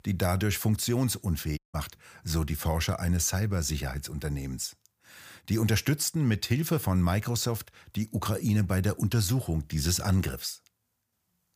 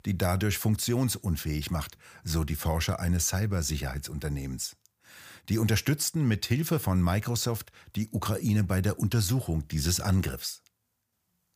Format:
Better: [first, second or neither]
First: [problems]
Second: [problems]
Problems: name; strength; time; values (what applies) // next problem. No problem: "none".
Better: second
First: audio cutting out; at 1.5 s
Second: none